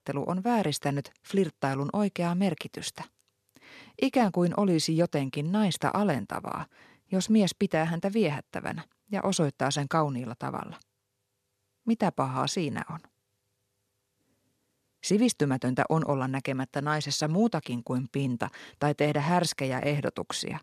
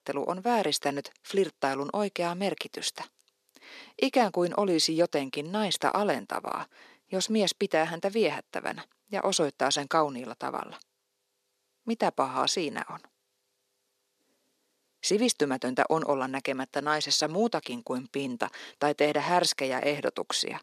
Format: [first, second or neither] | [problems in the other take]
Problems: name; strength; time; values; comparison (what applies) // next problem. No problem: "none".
first | thin; somewhat; fading below 350 Hz